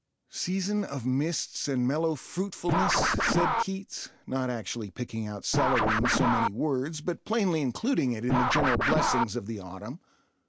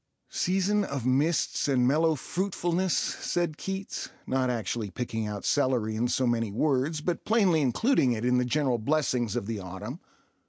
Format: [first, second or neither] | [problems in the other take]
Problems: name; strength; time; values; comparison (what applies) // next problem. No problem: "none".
second | background sound (Scratching (performance technique)); as loud as the speech